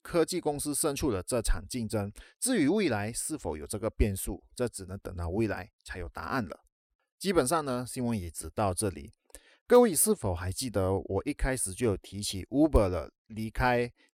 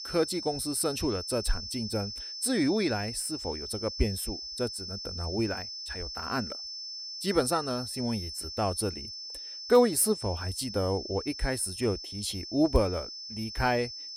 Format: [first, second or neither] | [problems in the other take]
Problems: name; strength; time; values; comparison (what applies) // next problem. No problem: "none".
first | high-pitched whine; loud; throughout; 5.5 kHz, 7 dB below the speech